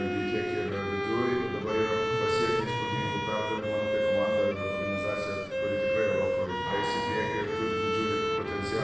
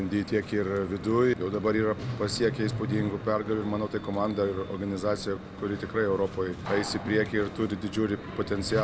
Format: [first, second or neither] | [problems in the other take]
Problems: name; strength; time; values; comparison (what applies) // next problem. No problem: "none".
second | background sound (Bowed string instrument); 2 dB above the speech // room echo; dies away in 0.9 s